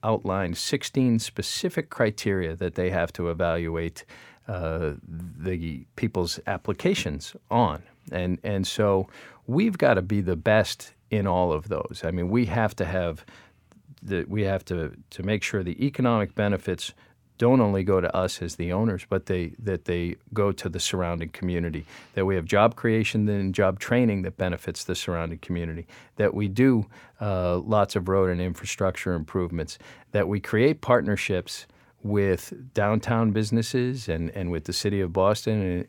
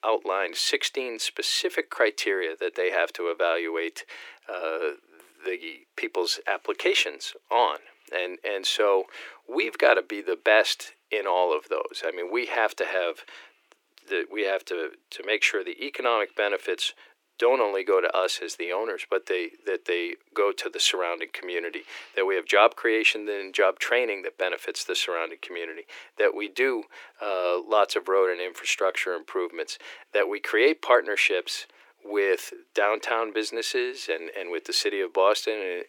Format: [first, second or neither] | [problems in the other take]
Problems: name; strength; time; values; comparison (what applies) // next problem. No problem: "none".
first | thin; very; fading below 300 Hz